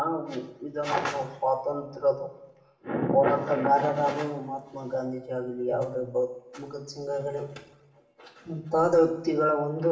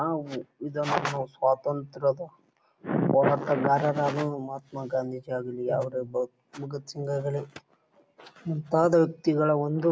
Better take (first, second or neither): second